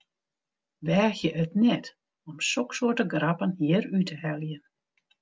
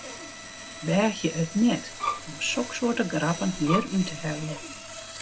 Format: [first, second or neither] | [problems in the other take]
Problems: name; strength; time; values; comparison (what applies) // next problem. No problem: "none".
first | background sound (Bowed string instrument + Sawing); 8 dB below the speech